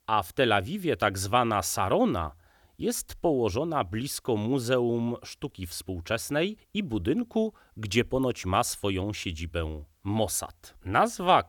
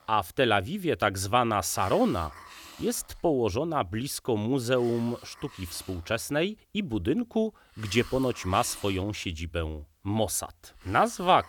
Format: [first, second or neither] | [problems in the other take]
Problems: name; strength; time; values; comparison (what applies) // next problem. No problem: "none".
first | hiss; noticeable; throughout; 20 dB below the speech